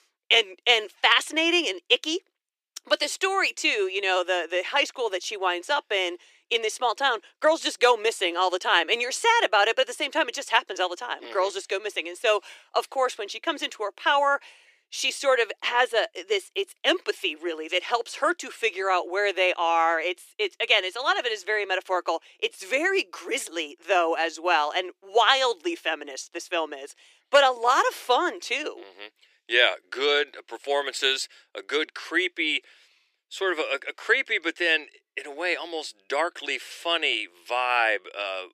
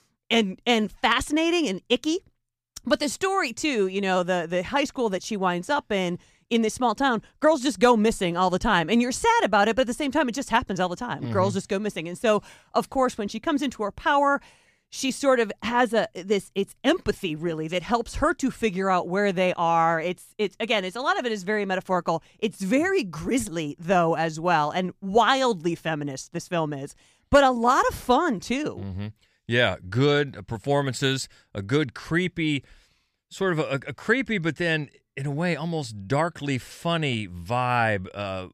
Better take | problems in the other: second | thin; very; fading below 350 Hz

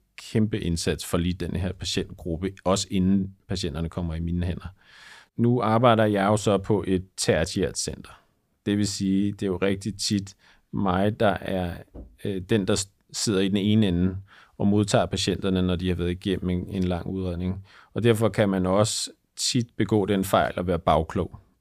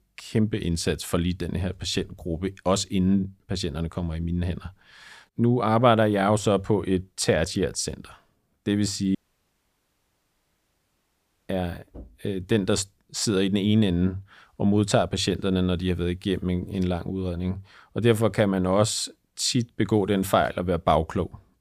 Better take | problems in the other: first | audio cutting out; at 9 s for 2.5 s

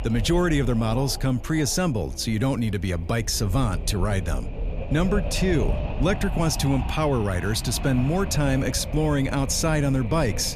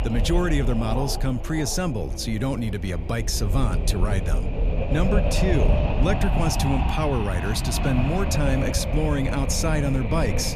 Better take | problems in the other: first | wind noise on the microphone; heavy; 3 dB below the speech; occasional gusts in the first

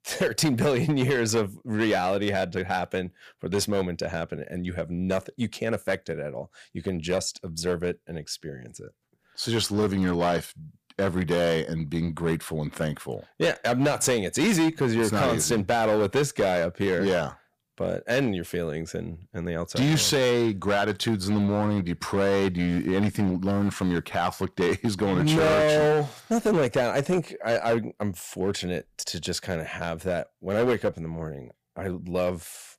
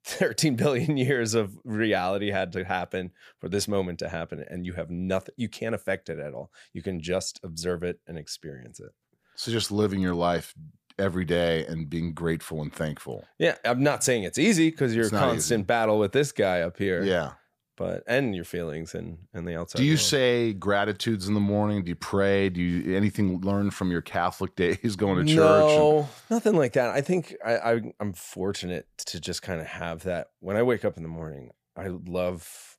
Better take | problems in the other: second | distortion; slight; 9% of the sound clipped

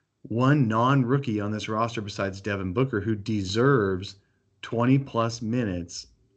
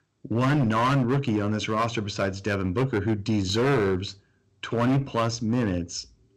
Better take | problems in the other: first | distortion; heavy; 11% of the sound clipped

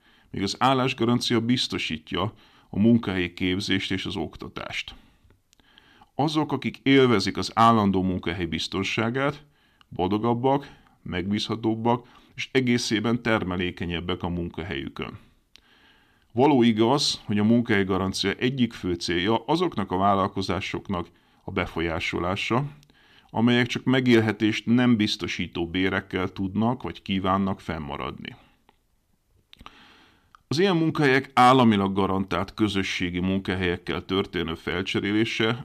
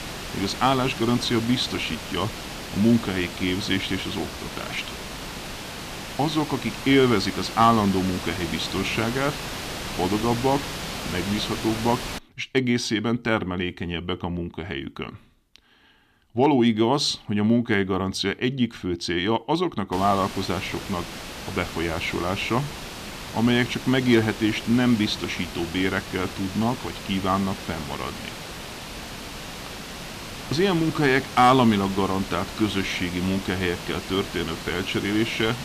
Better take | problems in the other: first | hiss; loud; until 12 s and from 20 s on; 9 dB below the speech

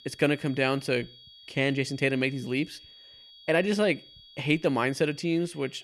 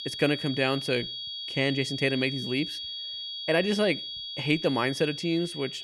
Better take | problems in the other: first | high-pitched whine; loud; throughout; 3.5 kHz, 6 dB below the speech; faint in the first

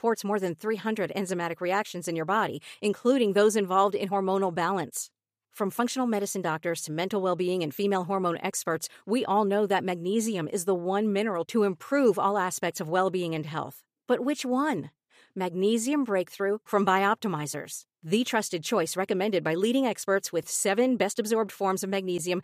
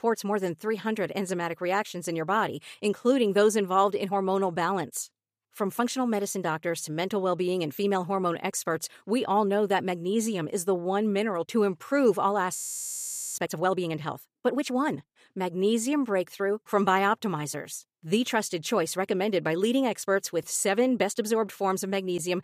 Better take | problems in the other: first | audio freezing; at 13 s for 1 s

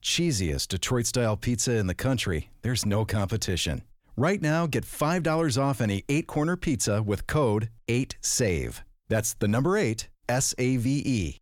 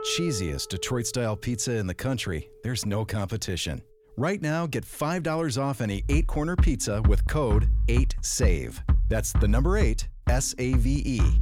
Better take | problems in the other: first | background music; very loud; throughout; 1 dB above the speech

